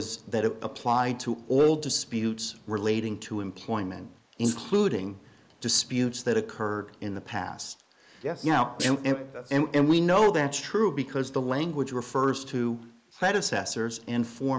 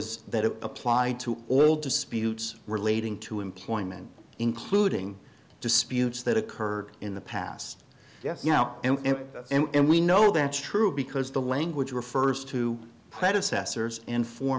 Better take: second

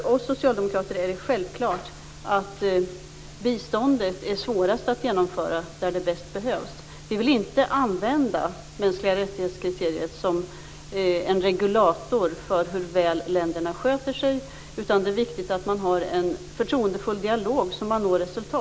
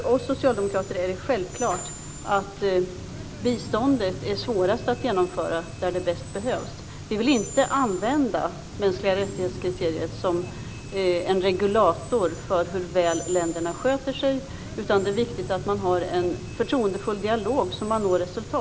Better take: first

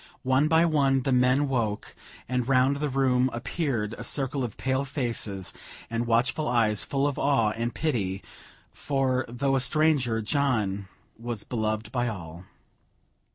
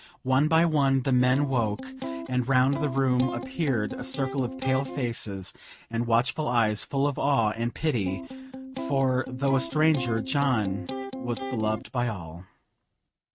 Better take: first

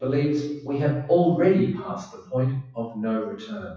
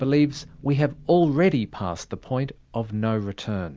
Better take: second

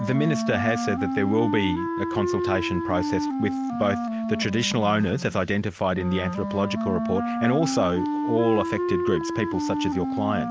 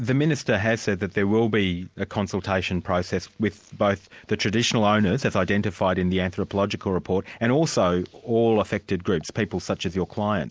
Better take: second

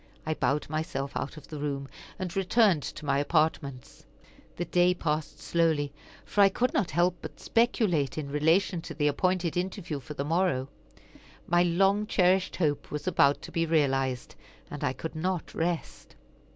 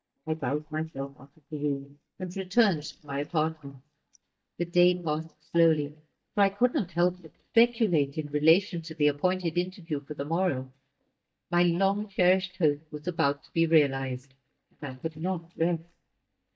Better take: first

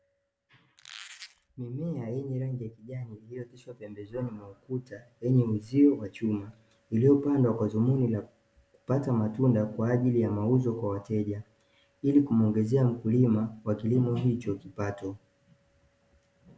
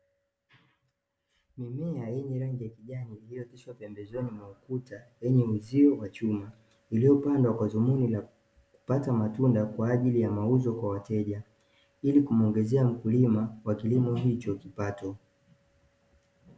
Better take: second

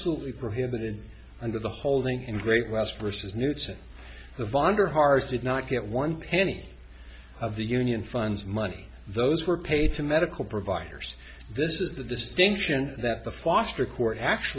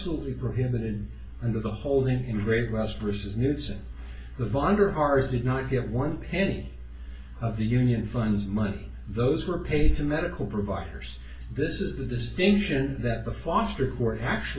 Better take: first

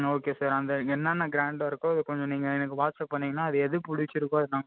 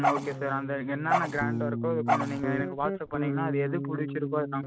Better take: first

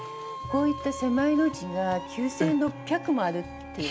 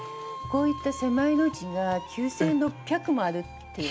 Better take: second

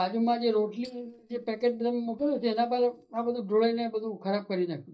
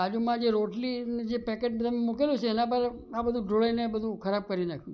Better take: second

